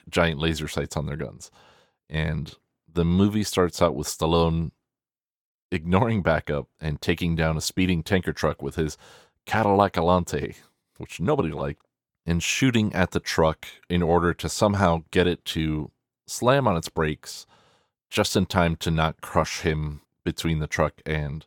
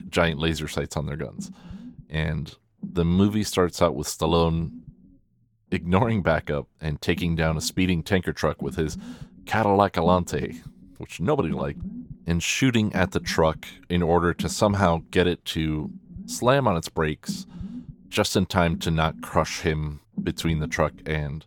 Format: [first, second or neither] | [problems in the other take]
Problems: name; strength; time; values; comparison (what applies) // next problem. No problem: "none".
first | low rumble; faint; throughout; 20 dB below the speech